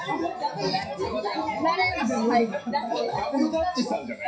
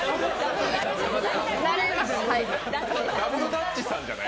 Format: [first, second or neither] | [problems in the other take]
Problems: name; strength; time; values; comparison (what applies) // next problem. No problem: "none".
second | noise reduction (classical method WPE with log-MMSE)